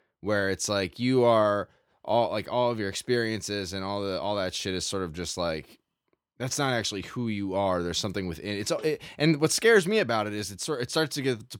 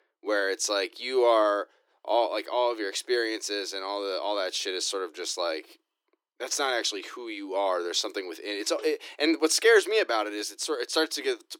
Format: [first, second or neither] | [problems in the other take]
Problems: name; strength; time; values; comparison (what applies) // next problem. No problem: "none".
first | thin; very; fading below 300 Hz